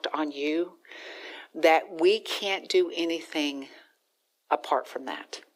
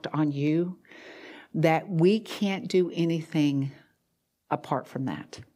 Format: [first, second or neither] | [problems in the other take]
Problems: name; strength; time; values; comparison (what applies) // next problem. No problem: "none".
second | thin; very; fading below 350 Hz